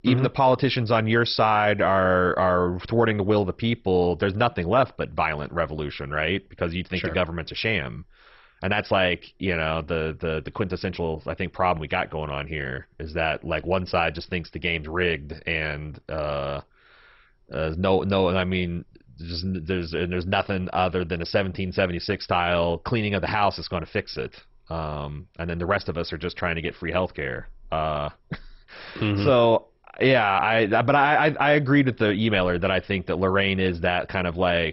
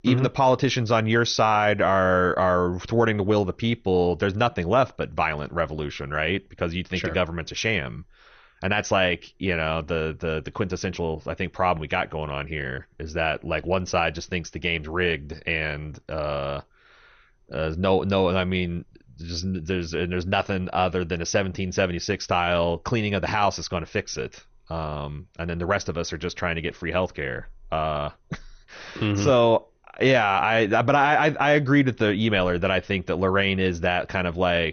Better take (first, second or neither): second